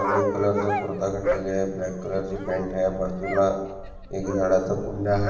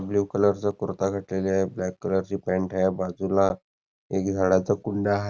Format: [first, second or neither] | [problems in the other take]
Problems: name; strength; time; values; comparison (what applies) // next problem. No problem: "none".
second | background sound (Dog); 6 dB below the speech // room echo; dies away in 1.1 s